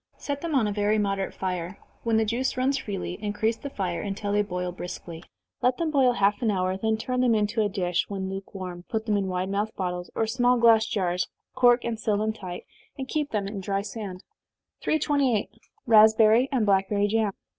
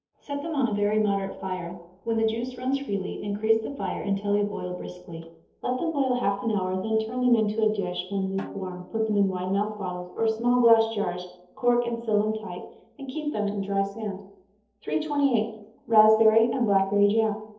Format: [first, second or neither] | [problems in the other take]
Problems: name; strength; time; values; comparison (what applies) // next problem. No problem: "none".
first | noise reduction (neural separator model SepFormer DNS4)